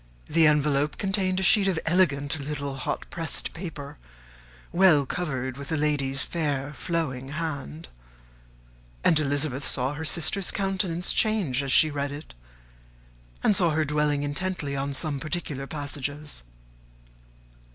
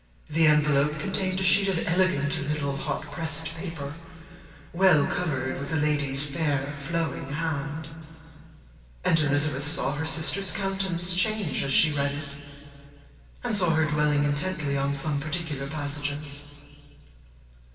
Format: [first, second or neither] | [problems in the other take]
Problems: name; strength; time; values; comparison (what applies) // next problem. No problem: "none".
first | background sound (Brass instrument); 19 dB below the speech // room echo; dies away in 2.6 s